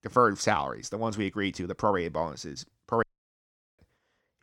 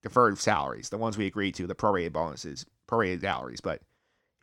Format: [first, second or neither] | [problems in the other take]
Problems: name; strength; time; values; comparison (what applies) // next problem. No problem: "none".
second | audio cutting out; at 3 s for 1 s